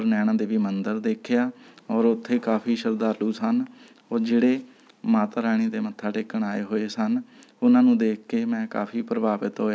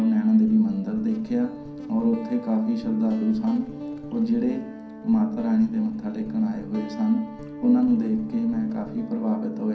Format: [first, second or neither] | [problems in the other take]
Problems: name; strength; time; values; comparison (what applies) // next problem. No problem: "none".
first | background sound (Guitar); 14 dB below the speech // room echo; dies away in 0.6 s